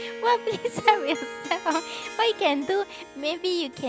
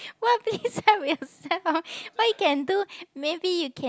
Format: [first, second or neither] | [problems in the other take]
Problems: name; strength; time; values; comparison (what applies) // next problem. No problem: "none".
second | background sound (Harp); 11 dB below the speech